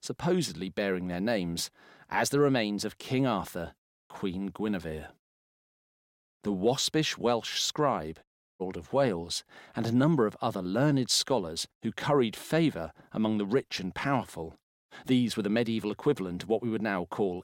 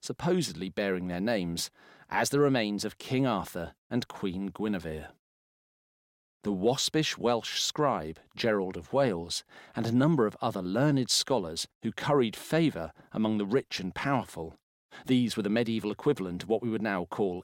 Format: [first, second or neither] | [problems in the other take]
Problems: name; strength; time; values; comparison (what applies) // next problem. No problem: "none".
second | audio cutting out; at 4 s and at 8 s